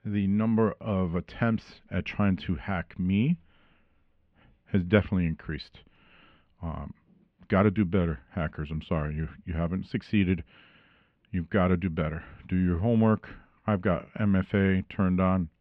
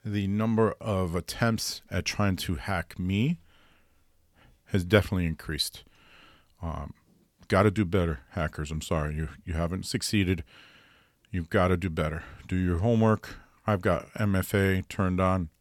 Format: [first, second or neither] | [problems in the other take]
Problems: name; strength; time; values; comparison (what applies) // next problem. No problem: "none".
second | muffled; very; fading above 3 kHz